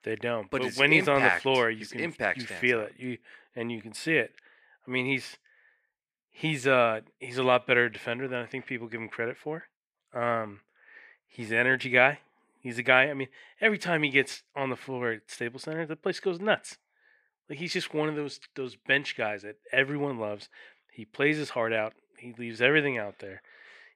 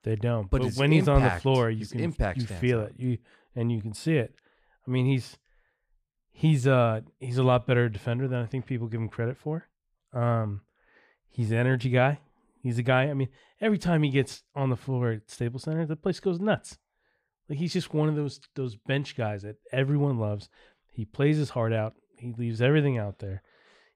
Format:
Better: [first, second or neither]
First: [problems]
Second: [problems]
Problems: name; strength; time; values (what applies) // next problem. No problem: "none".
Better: second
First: thin; somewhat; fading below 300 Hz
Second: none